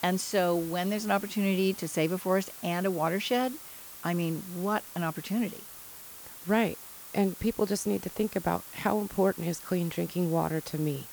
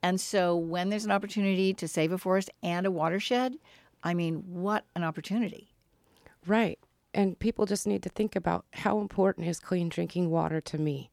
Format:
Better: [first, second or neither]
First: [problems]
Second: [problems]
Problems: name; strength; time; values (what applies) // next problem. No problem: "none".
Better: second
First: hiss; noticeable; throughout; 15 dB below the speech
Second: none